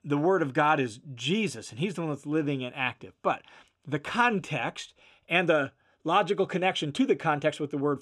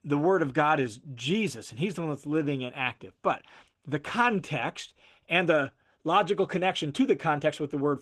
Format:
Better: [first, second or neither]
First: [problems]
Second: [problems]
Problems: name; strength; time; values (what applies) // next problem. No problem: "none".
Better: first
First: none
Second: garbled, watery; slightly